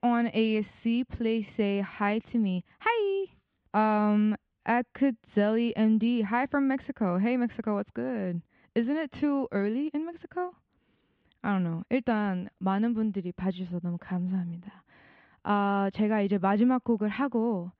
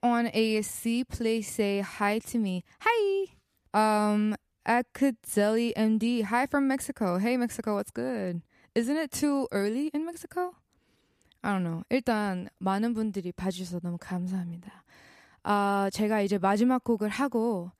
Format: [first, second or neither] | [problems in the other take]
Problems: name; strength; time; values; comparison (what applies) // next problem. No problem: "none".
second | muffled; very; fading above 3.5 kHz